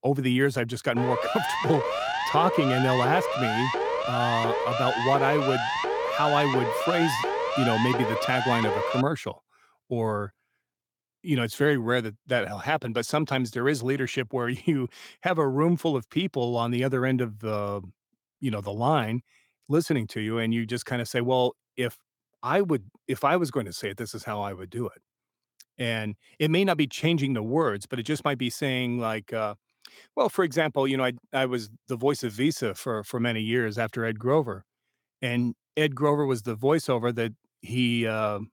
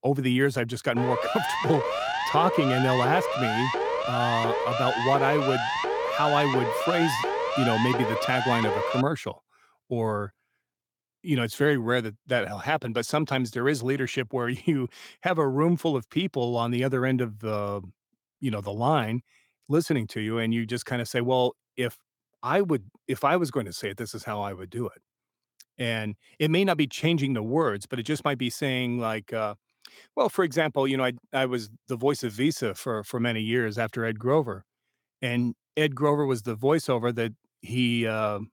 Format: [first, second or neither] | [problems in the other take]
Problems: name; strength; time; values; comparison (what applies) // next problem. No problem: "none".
neither | siren; loud; from 1 to 9 s; peak level with the speech; the same in both